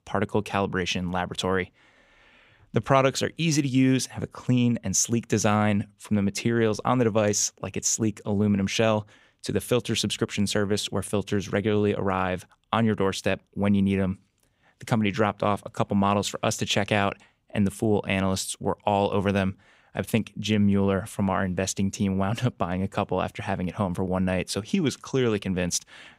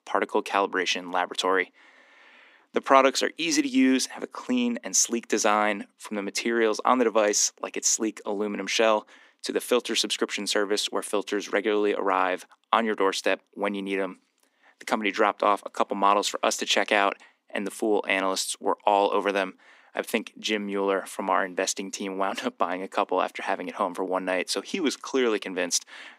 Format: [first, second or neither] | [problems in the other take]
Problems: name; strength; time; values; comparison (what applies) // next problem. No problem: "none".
first | thin; somewhat; fading below 250 Hz